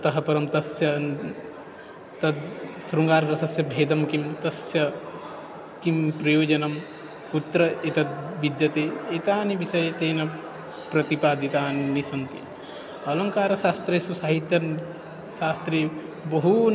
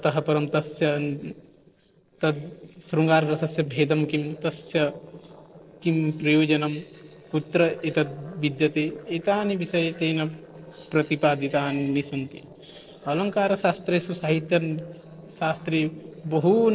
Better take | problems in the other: first | noise reduction (neural separator model SepFormer DNS4)

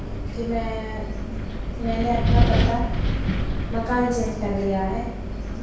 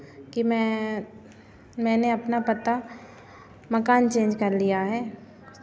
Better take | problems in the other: second | background sound (Wind); 4 dB above the speech // room echo; dies away in 0.7 s

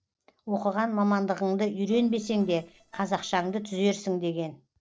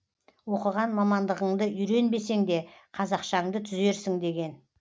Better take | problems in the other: second | noise reduction (neural separator model SepFormer DNS4)

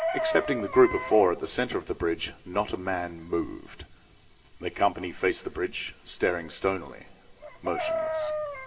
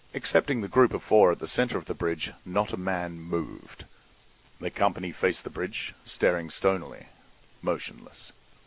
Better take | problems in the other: second | background sound (Chicken, rooster); 8 dB below the speech // room echo; dies away in 0.9 s

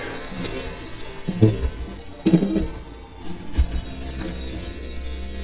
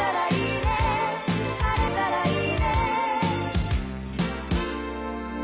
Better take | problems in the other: second | noise reduction (neural mask model DeepFilterNet 3)

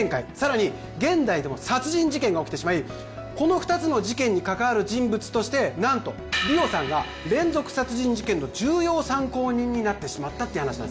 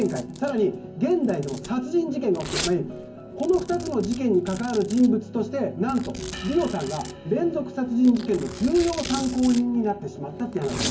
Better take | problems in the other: first | background sound (Domestic sounds, home sounds); 14 dB below the speech // room echo; dies away in 0.3 s

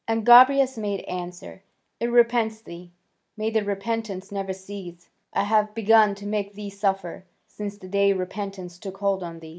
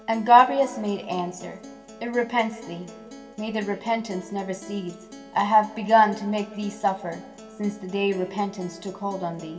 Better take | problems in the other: first | background sound (Acoustic guitar); 19 dB below the speech // room echo; dies away in 2.7 s

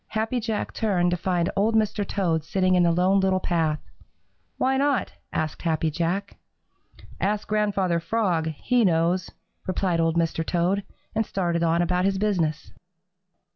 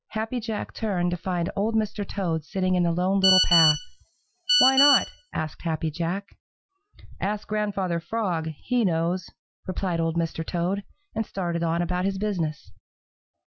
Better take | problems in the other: first | noise reduction (classical method Wiener filter)

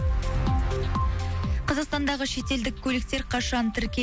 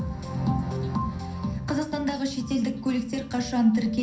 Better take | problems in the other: first | room echo; dies away in 0.6 s

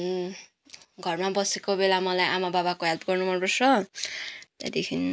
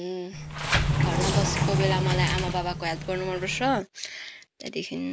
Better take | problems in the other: first | background sound (Sliding door); 4 dB above the speech

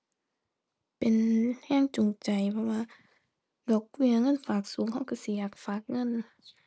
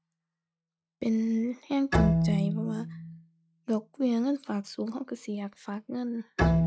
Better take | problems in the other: first | noise reduction (classical method log-MMSE)

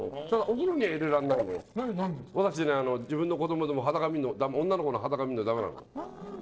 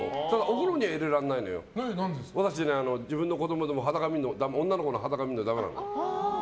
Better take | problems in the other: second | noise reduction (neural separator model SepFormer DNS4)

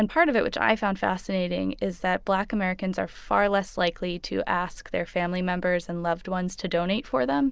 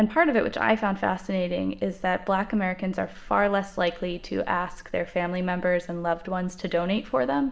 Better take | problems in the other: first | room echo; dies away in 2.5 s

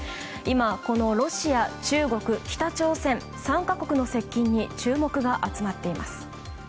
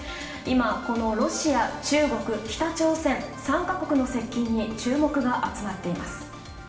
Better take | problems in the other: first | room echo; dies away in 1 s

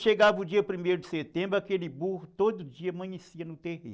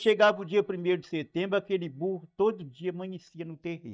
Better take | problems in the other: first | noise reduction (neural mask model DeepFilterNet 3)

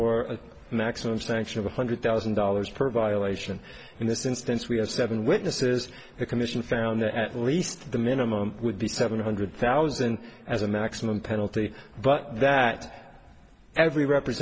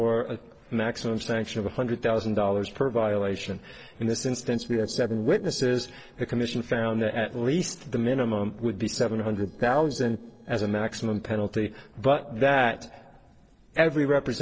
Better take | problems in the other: first | noise reduction (neural separator model SepFormer DNS4)

